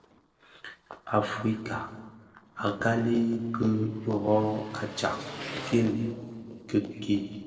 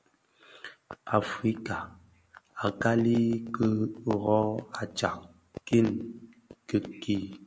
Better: second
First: noise reduction (neural separator model SepFormer DNS4)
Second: none

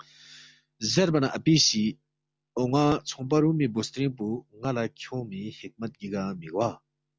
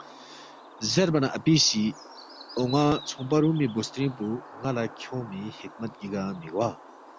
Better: first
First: none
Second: background sound (Bird); 18 dB below the speech

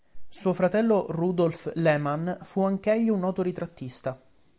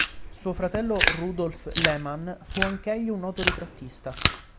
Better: first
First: none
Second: background sound (Chewing, mastication); as loud as the speech

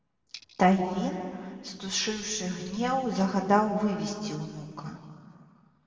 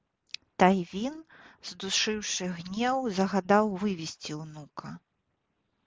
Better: second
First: room echo; dies away in 2.2 s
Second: none

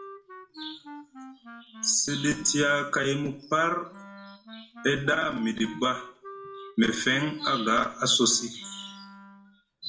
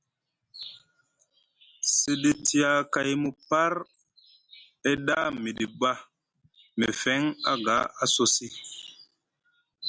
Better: second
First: background sound (Wind instrument, woodwind instrument); 17 dB below the speech // room echo; dies away in 0.4 s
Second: none

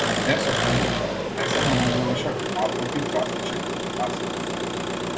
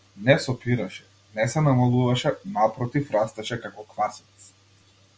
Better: second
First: background sound (Engine); 4 dB above the speech // room echo; dies away in 2.3 s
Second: none

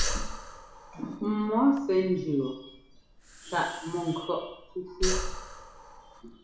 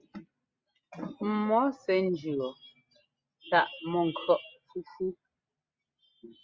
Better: second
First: background sound (Breathing); 5 dB below the speech // room echo; dies away in 0.7 s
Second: none

